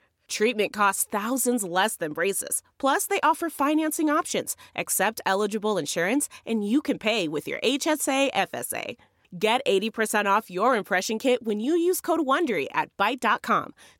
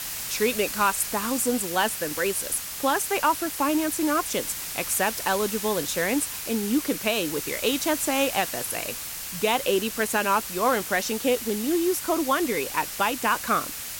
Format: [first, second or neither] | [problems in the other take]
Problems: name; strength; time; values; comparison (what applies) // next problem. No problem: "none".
first | hiss; loud; throughout; 5 dB below the speech